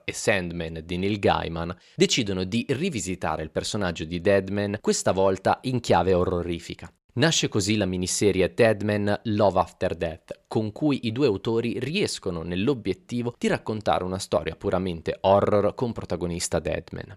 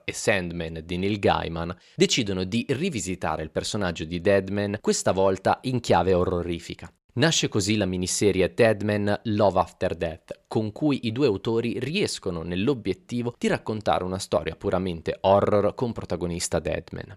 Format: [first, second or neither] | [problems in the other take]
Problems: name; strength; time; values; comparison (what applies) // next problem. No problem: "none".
neither | none